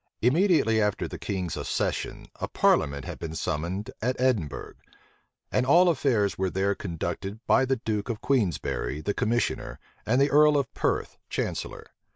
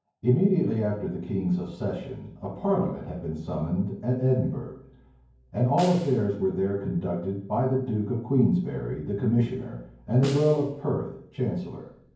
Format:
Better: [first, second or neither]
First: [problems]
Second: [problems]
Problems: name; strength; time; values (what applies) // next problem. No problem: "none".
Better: first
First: none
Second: background sound (Snare drum); 15 dB below the speech // room echo; dies away in 0.9 s